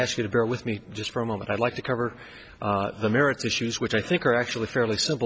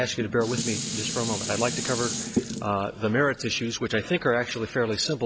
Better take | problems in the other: first | background sound (Dishes, pots, and pans); 6 dB below the speech

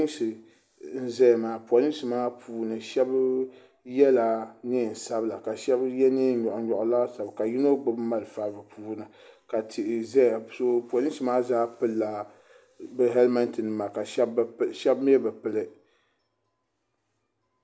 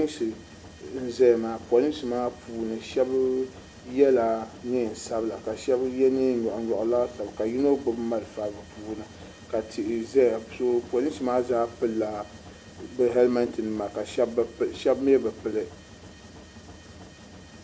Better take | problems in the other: first | background sound (Mechanisms); 19 dB below the speech

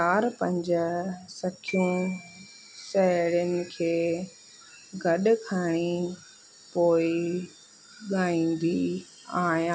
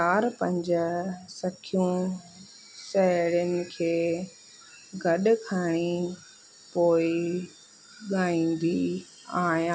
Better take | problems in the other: second | background sound (Glockenspiel); 19 dB below the speech

